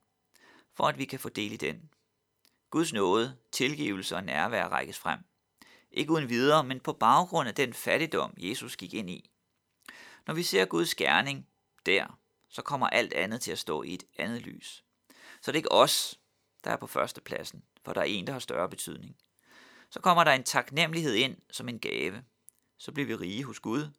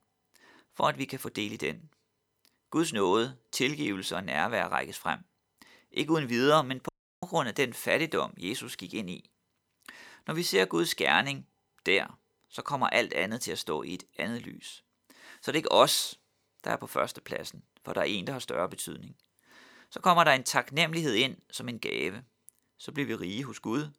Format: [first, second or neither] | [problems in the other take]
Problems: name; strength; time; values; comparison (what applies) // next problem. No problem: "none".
first | audio cutting out; at 7 s